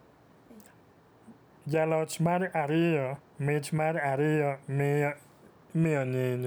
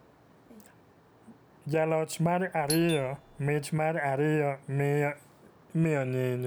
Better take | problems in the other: first | background sound (Doorbell); 11 dB below the speech

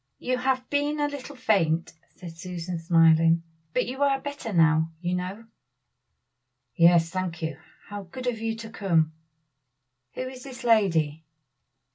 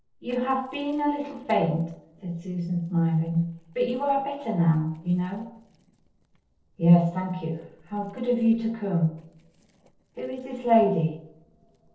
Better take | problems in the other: first | noise reduction (neural separator model SepFormer DNS4)

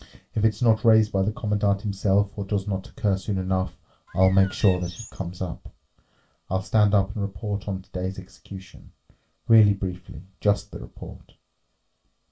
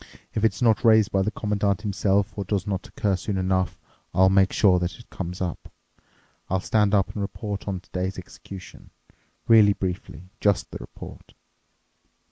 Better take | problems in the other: second | background sound (Bird); 19 dB below the speech // room echo; dies away in 0.2 s

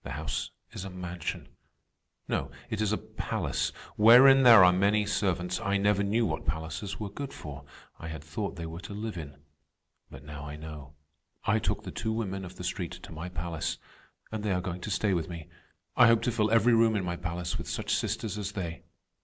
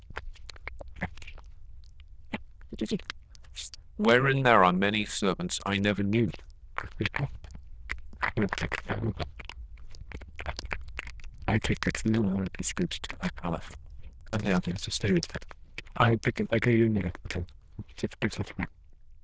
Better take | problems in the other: first | noise reduction (neural diffusion model UNIVERSE++)

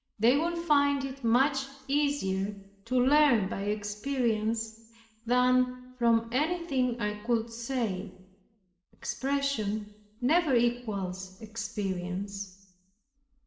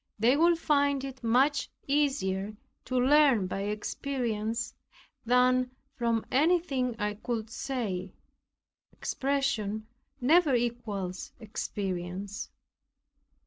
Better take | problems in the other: second | room echo; dies away in 0.8 s

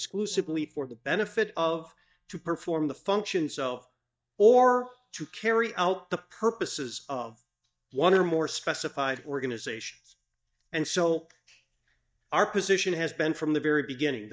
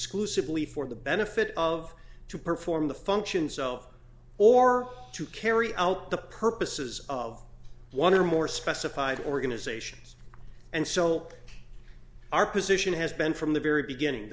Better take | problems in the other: second | noise reduction (neural mask model DeepFilterNet 3)

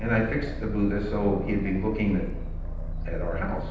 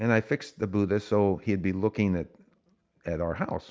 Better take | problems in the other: second | background sound (Aircraft); 4 dB below the speech // room echo; dies away in 0.9 s

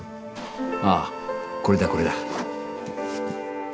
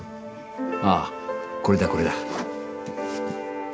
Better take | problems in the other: second | background sound (Mechanisms); 16 dB below the speech

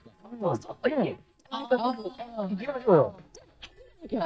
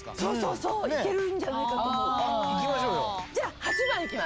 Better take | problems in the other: second | noise reduction (neural mask model DeepFilterNet 3)

